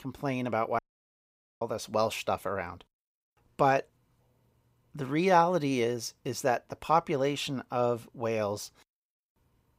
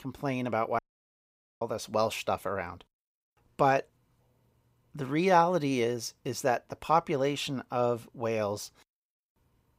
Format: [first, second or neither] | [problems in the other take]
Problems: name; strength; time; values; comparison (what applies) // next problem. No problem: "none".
neither | audio cutting out; at 1 s for 1 s; the same in both